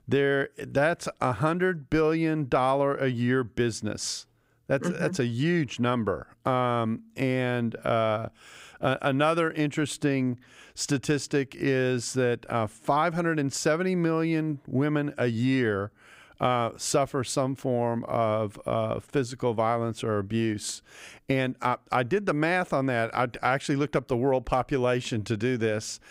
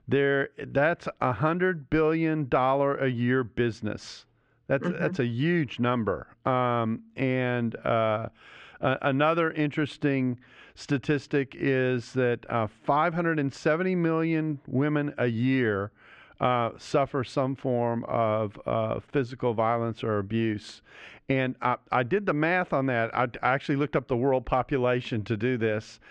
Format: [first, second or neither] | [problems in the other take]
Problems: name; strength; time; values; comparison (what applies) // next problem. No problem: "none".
first | muffled; slightly; fading above 2.5 kHz